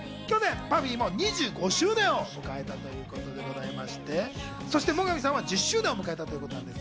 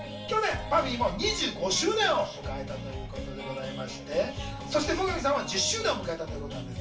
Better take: first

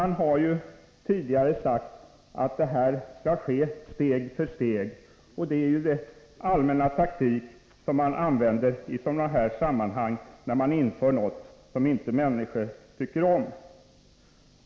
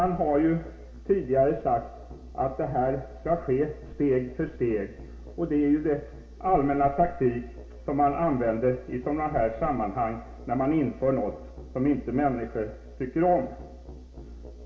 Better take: first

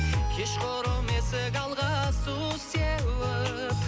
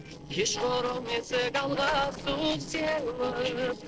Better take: first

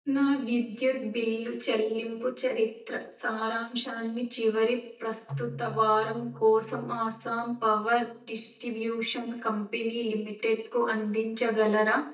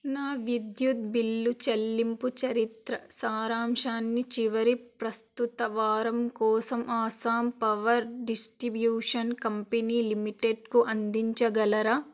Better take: second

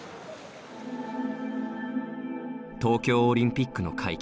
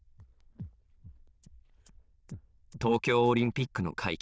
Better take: first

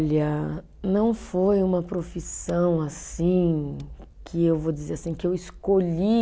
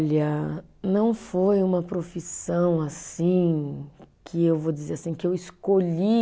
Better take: second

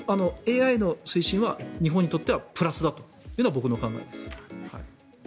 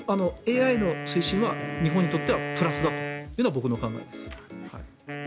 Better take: first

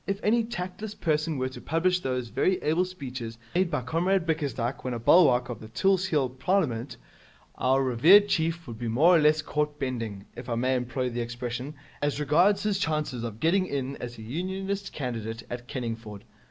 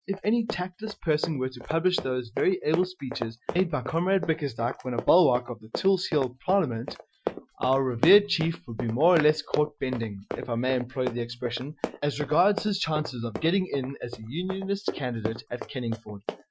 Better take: first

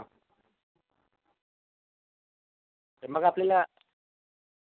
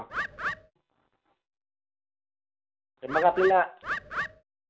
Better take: first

